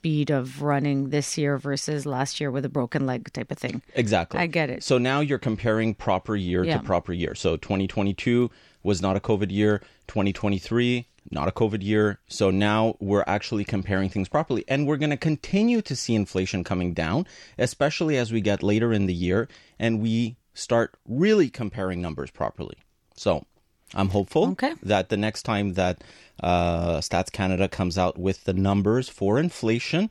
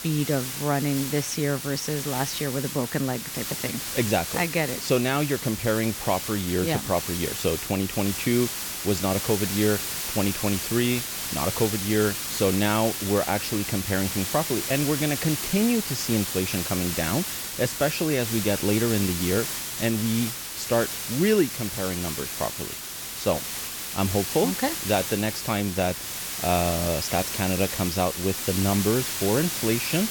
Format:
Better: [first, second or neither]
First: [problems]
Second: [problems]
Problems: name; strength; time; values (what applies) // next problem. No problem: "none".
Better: first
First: none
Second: hiss; loud; throughout; 3 dB below the speech